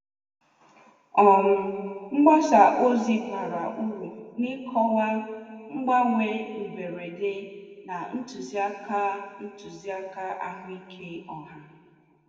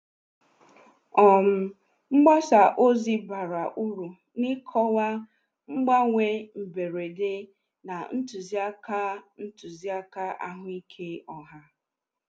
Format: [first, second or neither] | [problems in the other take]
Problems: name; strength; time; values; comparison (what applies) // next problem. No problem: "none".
second | room echo; dies away in 2.1 s